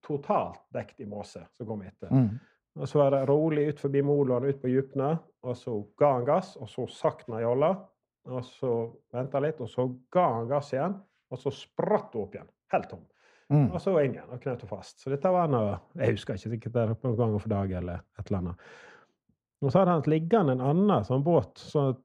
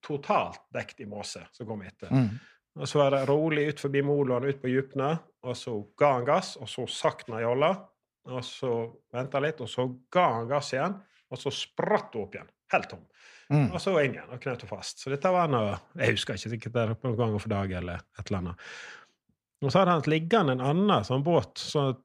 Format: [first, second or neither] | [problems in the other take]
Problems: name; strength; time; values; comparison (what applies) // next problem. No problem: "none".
second | muffled; slightly; fading above 1.5 kHz